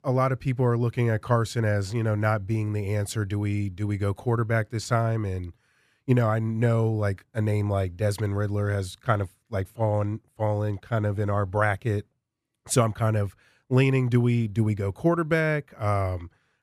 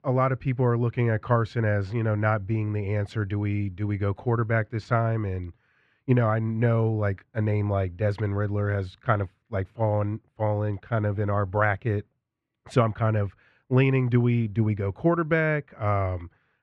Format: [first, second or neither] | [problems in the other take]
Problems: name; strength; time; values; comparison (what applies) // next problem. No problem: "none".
first | muffled; slightly; fading above 2.5 kHz